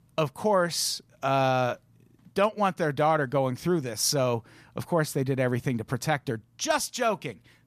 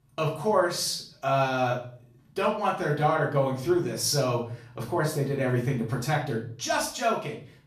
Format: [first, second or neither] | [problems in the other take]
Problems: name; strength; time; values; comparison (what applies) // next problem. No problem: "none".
first | off-mic speech; far // room echo; slight; dies away in 0.4 s